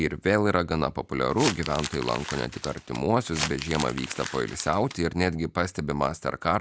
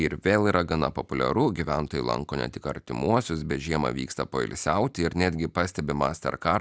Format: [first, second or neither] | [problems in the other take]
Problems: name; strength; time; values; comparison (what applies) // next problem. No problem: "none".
second | background sound (Crumpling, crinkling); 10 dB below the speech